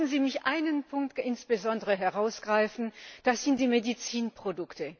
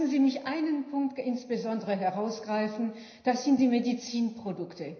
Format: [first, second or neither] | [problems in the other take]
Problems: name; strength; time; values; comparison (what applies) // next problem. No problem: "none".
first | room echo; dies away in 0.9 s